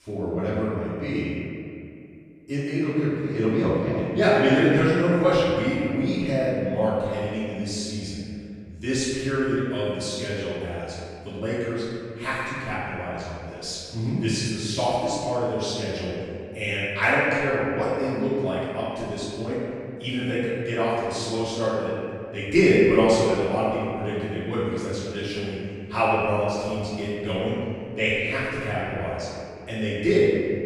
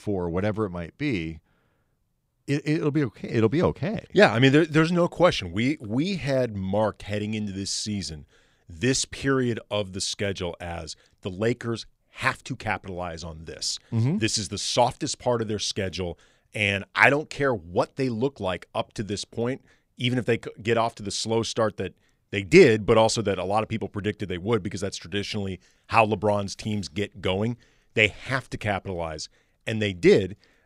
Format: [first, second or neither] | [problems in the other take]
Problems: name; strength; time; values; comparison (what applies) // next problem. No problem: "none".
second | off-mic speech; far // room echo; strong; dies away in 2.2 s